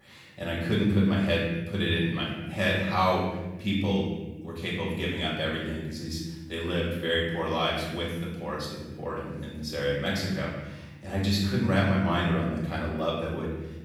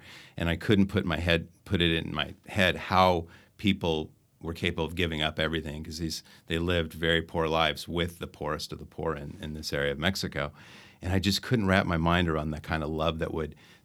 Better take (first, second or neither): second